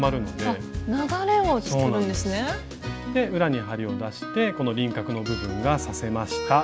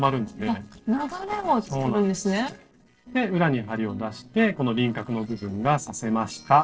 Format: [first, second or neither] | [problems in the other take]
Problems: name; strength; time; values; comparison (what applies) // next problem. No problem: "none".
first | noise reduction (neural separator model SepFormer DNS4)